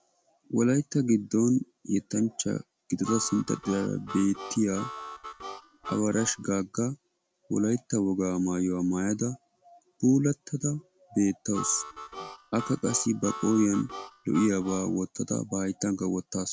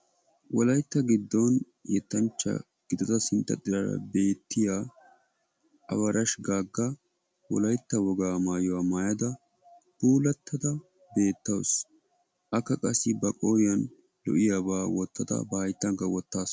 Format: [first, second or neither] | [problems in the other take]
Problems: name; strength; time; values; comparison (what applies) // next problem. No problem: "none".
second | background sound (Harmonica); 12 dB below the speech